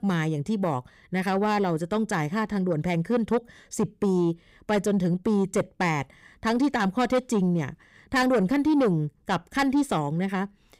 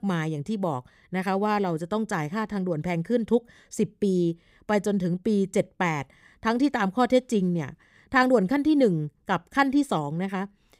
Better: second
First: distortion; slight; 10 dB below the speech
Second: none

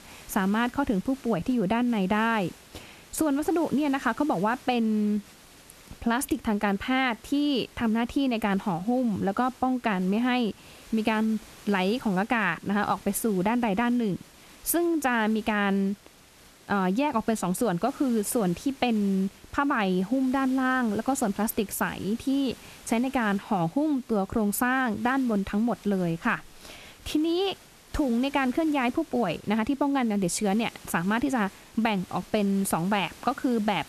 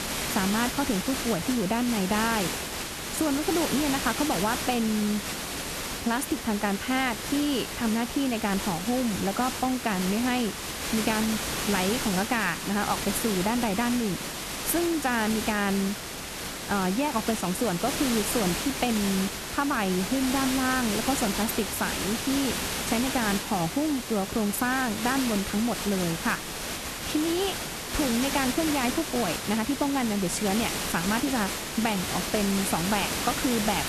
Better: first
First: hiss; faint; throughout; 25 dB below the speech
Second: hiss; loud; throughout; 3 dB below the speech

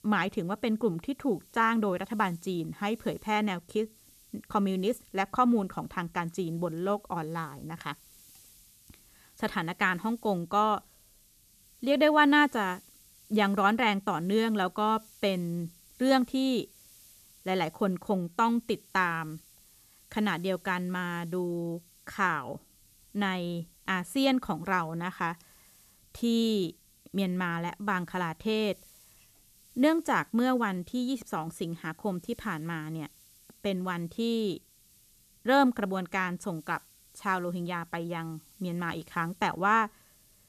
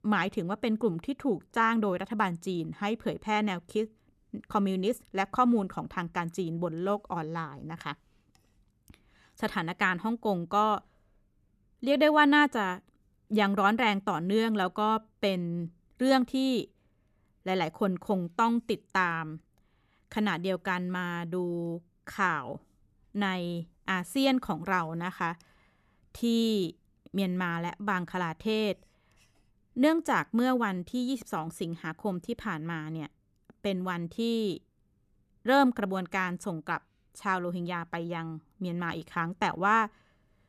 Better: second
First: hiss; faint; throughout; 25 dB below the speech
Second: none

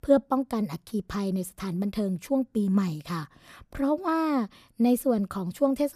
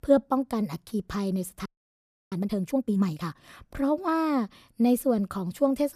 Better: first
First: none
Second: audio freezing; at 1.5 s for 0.5 s

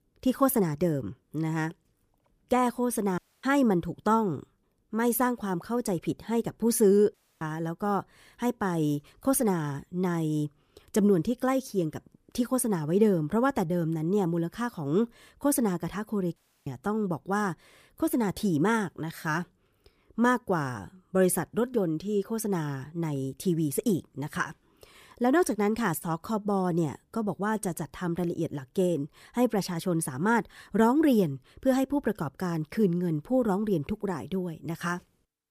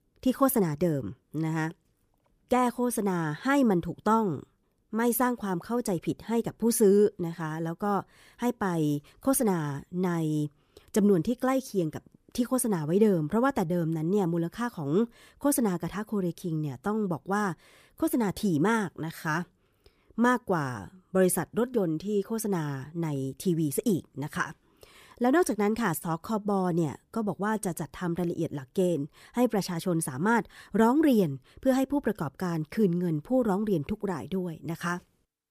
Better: second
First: audio cutting out; at 3 s, at 7 s and at 16 s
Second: none

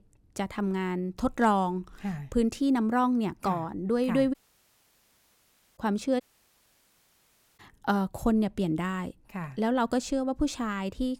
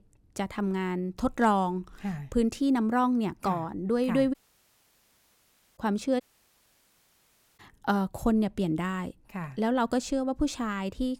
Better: neither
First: audio cutting out; at 4.5 s for 1.5 s and at 6 s for 1.5 s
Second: audio cutting out; at 4.5 s for 1.5 s and at 6 s for 1.5 s

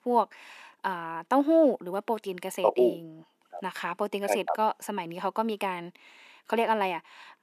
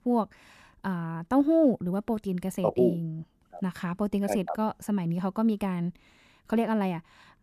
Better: second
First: thin; somewhat; fading below 350 Hz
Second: none

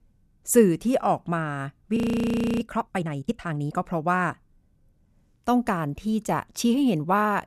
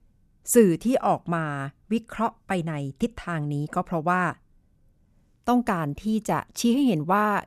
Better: second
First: audio freezing; at 2 s for 0.5 s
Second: none

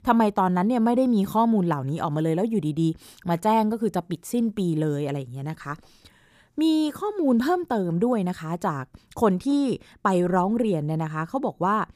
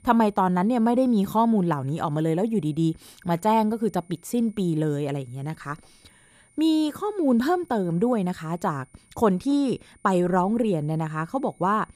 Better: first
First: none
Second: high-pitched whine; faint; throughout; 9 kHz, 35 dB below the speech

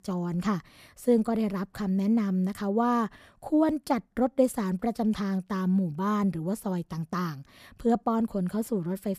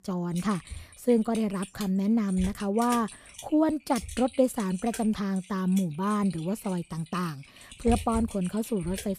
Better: first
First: none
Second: keyboard typing; noticeable; peak 5 dB below the speech

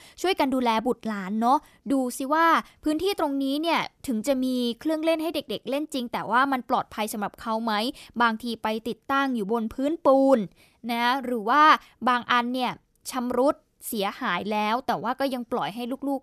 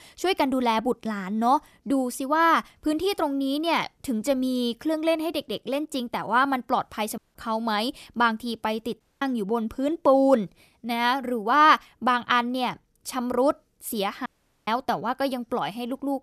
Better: first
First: none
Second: audio cutting out; at 7 s, at 9 s and at 14 s

